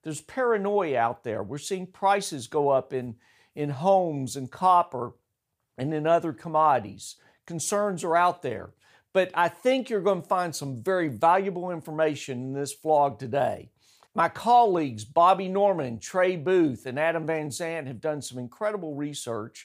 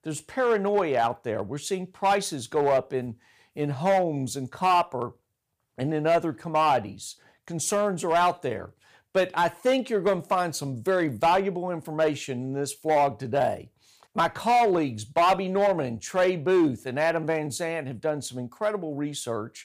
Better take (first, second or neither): first